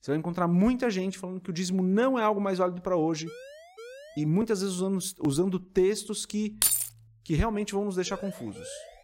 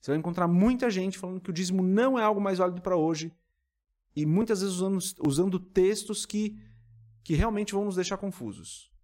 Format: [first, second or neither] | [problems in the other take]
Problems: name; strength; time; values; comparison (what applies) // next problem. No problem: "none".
second | siren; faint; from 3.5 to 4.5 s and at 8 s; peak 15 dB below the speech // jangling keys; loud; at 6.5 s; peak 5 dB above the speech